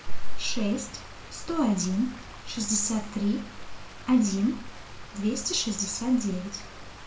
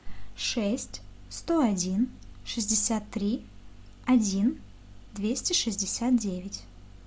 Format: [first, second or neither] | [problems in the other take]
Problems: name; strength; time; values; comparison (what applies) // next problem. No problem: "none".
second | background sound (Stream); 20 dB below the speech // room echo; dies away in 0.3 s